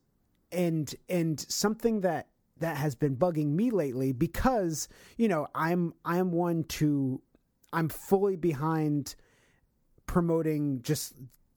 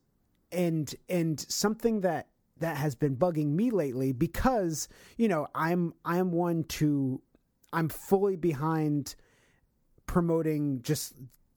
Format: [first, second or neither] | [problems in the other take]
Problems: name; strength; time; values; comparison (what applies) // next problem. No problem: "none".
neither | none